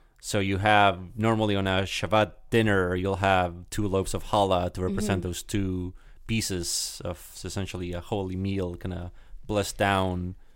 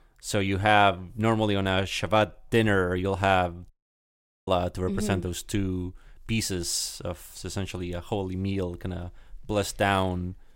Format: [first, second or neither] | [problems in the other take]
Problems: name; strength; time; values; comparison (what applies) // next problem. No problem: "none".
first | audio cutting out; at 3.5 s for 1 s